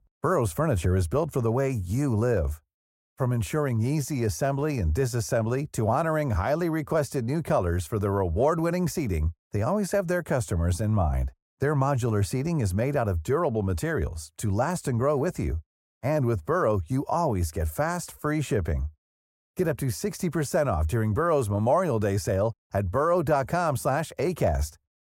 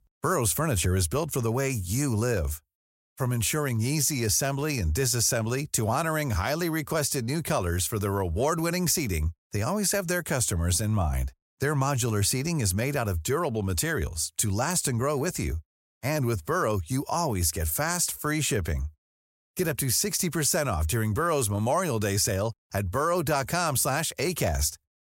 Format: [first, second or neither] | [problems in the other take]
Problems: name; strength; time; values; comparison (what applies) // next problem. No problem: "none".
second | muffled; slightly; fading above 2 kHz